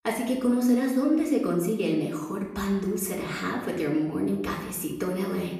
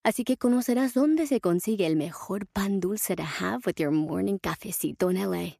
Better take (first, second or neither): second